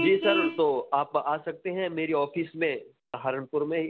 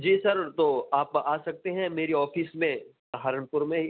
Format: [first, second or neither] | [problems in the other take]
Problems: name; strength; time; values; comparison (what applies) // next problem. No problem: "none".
second | background sound (Vehicle horn, car horn, honking); 8 dB below the speech